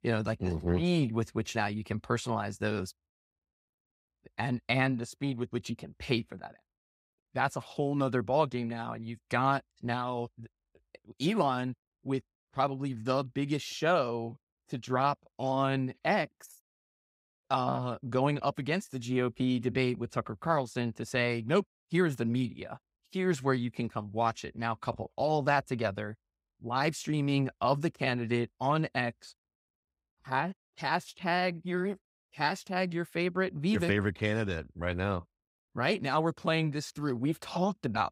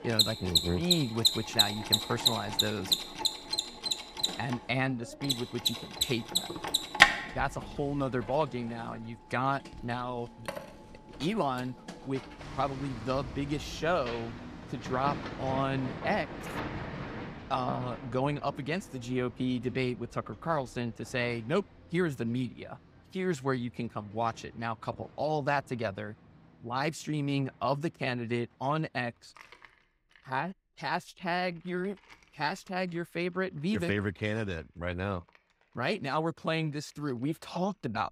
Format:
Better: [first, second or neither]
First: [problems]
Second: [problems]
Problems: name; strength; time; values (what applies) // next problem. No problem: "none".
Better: first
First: none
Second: machinery noise; very loud; throughout; 3 dB above the speech